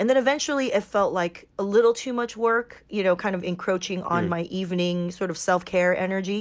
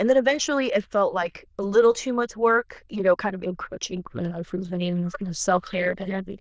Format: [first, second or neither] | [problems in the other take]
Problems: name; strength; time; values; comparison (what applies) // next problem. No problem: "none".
first | noise reduction (neural diffusion model UNIVERSE++)